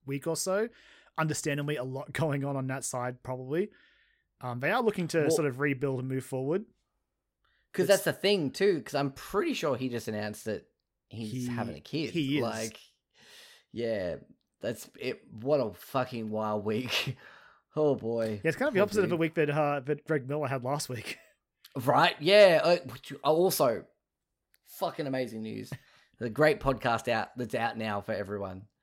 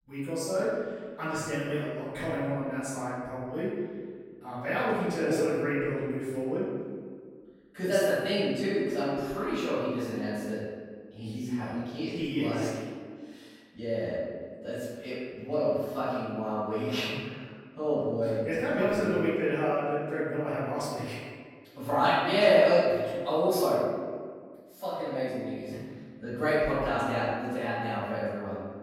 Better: first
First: none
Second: off-mic speech; far // room echo; strong; dies away in 1.6 s

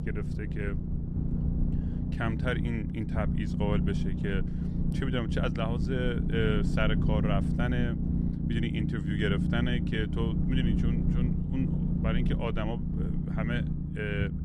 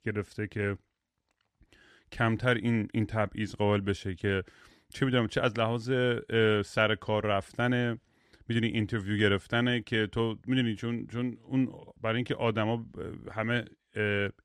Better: second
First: low rumble; loud; throughout; 4 dB below the speech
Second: none

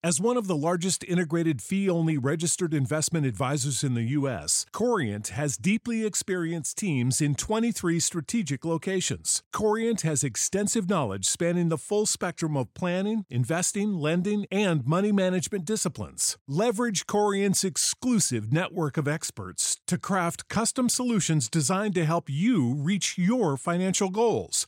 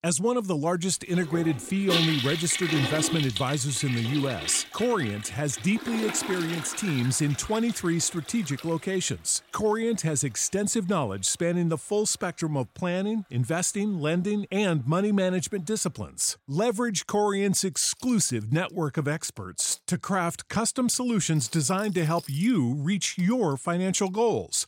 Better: first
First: none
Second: household noises; loud; throughout; 7 dB below the speech

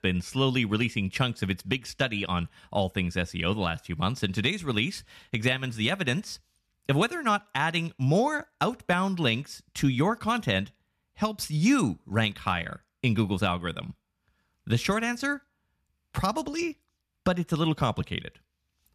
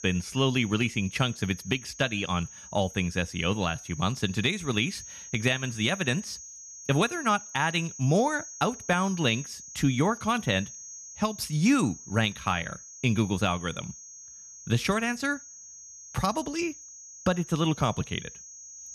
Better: first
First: none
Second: high-pitched whine; noticeable; throughout; 6.5 kHz, 15 dB below the speech

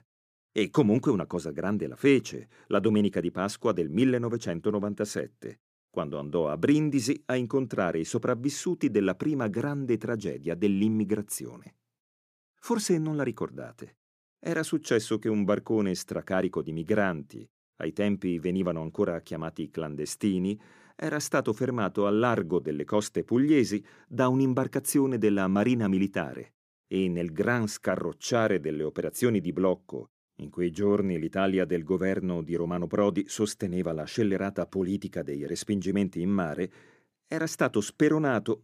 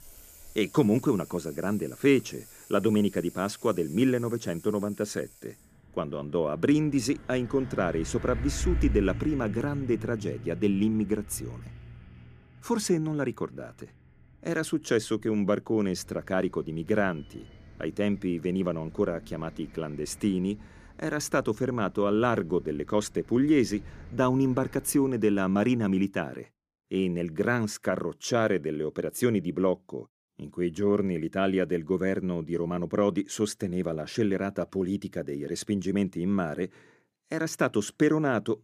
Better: first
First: none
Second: traffic noise; noticeable; until 25 s; 15 dB below the speech

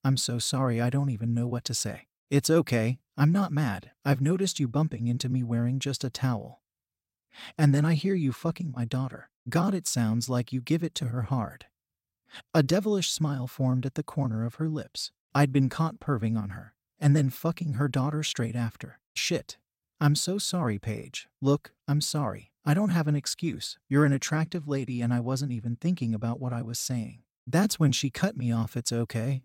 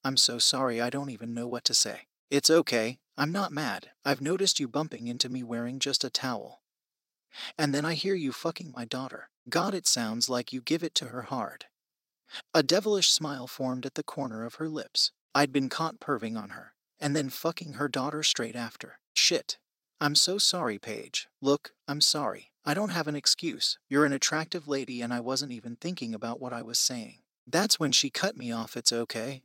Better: first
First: none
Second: thin; somewhat; fading below 350 Hz

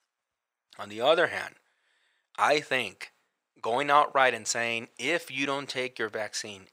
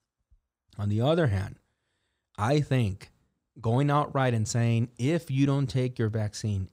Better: second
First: thin; very; fading below 650 Hz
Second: none

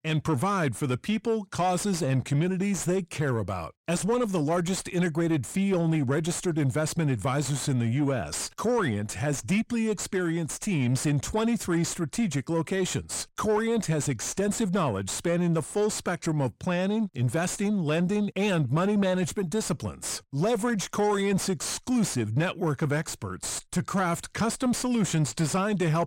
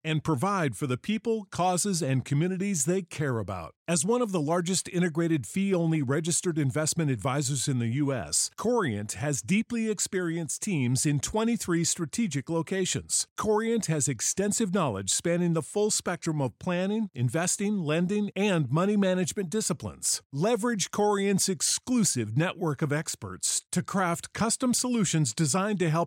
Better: second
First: distortion; slight; 9 dB below the speech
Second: none

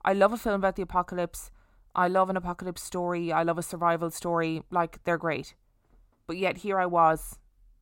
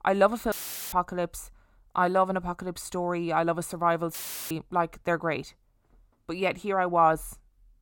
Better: first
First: none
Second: audio cutting out; filled with static; at 0.5 s and at 4 s

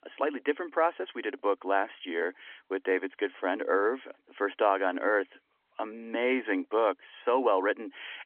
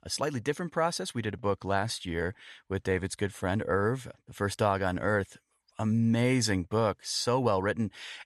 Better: second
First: phone-call audio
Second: none

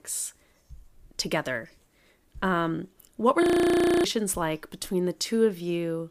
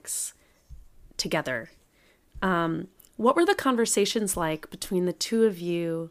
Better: second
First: audio freezing; at 3.5 s for 0.5 s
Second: none

